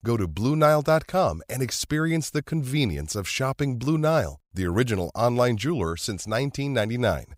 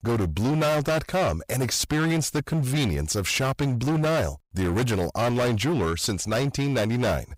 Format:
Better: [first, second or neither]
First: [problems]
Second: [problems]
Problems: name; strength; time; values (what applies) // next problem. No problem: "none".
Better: first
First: none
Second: distortion; heavy; 26% of the sound clipped